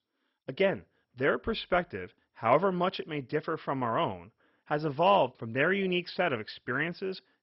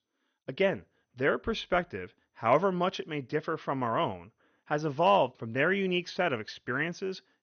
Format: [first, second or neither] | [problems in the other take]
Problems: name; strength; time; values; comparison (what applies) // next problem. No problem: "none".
second | garbled, watery; badly; nothing above 5.5 kHz; slightly in the second